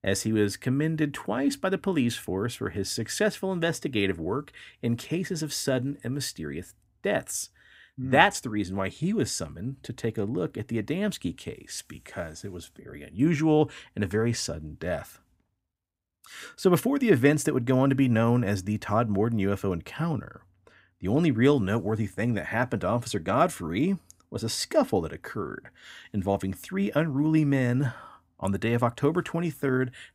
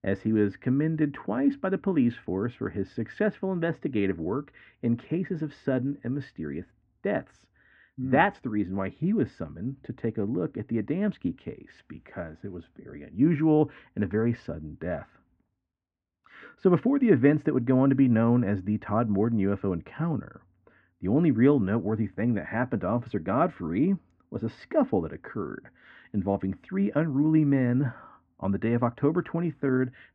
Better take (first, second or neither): first